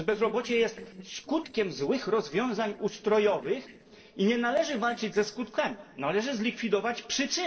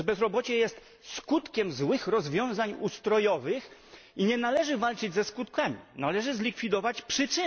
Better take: second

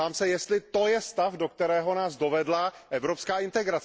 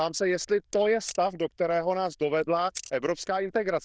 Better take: first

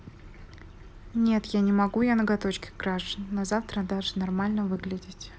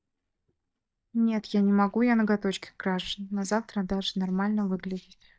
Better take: first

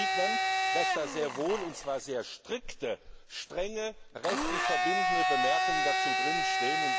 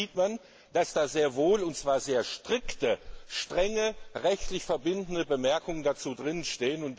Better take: second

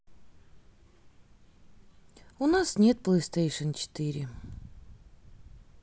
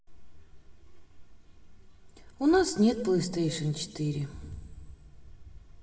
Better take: first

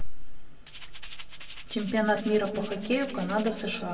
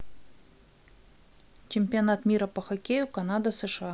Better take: second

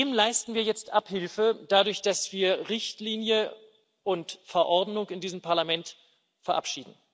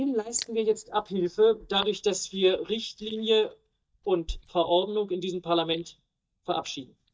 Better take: first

